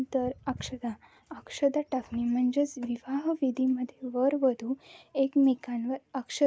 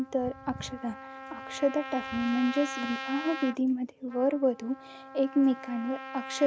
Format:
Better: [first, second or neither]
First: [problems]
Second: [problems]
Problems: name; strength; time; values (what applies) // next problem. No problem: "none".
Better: first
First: none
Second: background sound (Trumpet); 11 dB below the speech